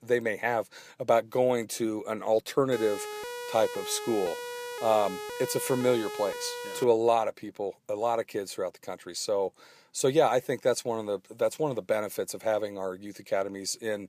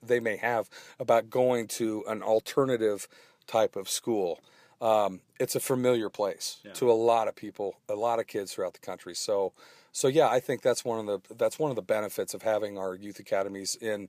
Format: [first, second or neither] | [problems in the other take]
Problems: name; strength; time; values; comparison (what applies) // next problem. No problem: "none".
second | siren; noticeable; from 2.5 to 7 s; peak 8 dB below the speech